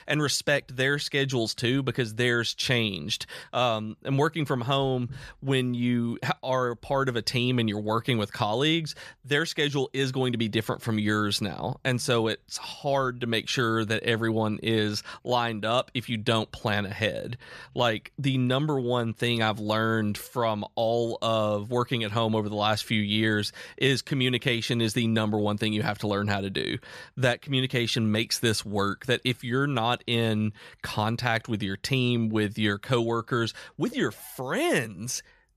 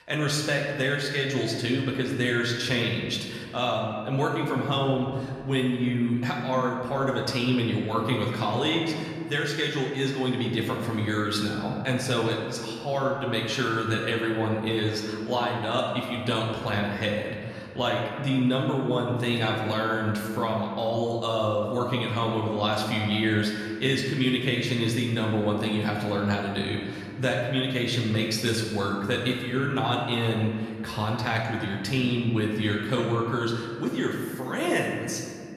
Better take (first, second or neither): first